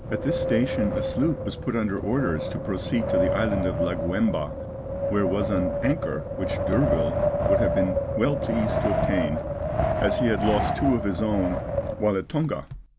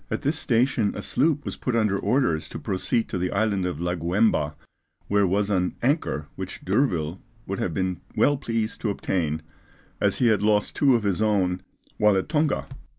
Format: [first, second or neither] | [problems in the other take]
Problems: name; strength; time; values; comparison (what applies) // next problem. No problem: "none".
second | background sound (Wind); as loud as the speech